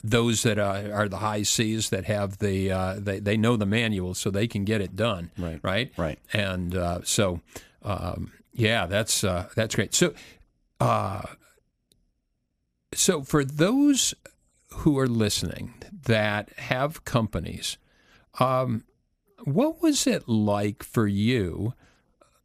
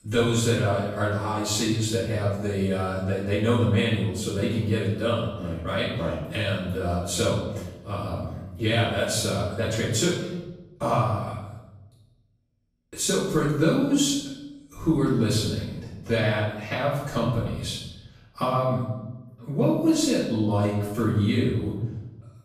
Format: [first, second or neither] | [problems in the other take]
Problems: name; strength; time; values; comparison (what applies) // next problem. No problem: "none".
first | off-mic speech; far // room echo; noticeable; dies away in 0.9 s